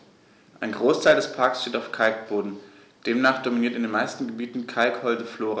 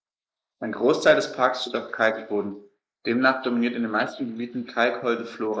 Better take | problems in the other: first | noise reduction (neural mask model Resemble Enhance denoiser)

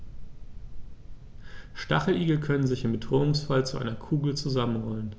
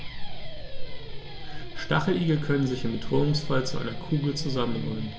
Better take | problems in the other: first | background sound (Guitar); 14 dB below the speech // room echo; dies away in 0.2 s

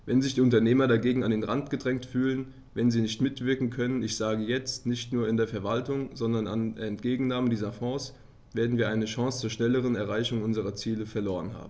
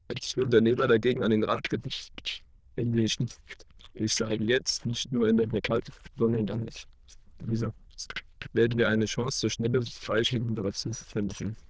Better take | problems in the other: first | noise reduction (neural diffusion model UNIVERSE++)

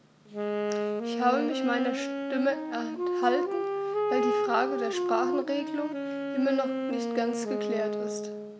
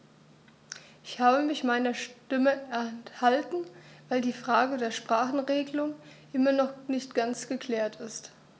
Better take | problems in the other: second | background sound (Wind instrument, woodwind instrument); 1 dB above the speech

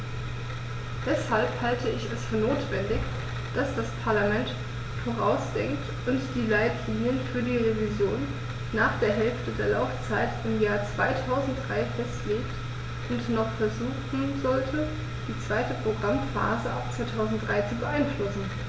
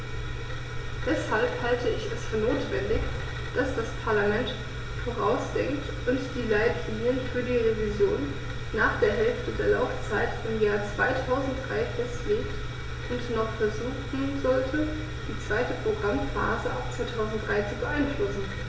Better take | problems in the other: first | background sound (Knock); 18 dB below the speech // room echo; dies away in 1.2 s

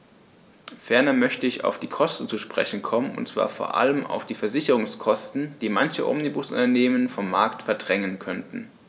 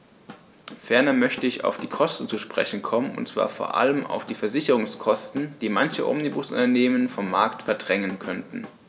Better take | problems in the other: first | background sound (Drum / Drum kit); 20 dB below the speech

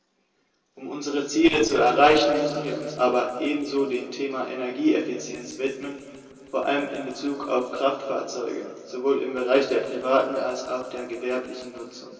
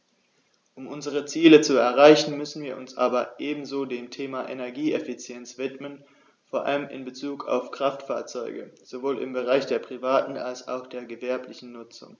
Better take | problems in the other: second | noise reduction (neural separator model SepFormer DNS4)

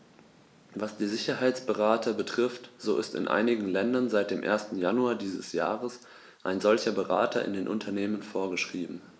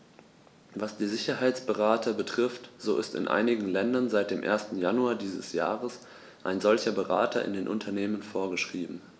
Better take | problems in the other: second | noise reduction (neural mask model Resemble Enhance denoiser)

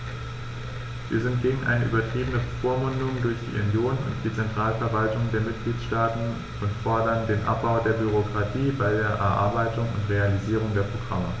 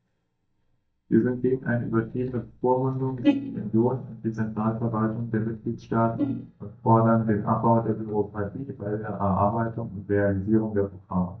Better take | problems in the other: first | noise reduction (neural mask model DeepFilterNet 3)

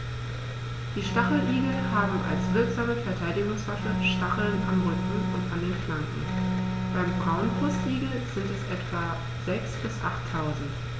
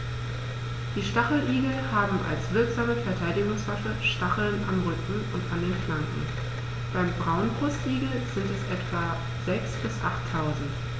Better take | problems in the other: second | background sound (Bowed string instrument); 2 dB below the speech

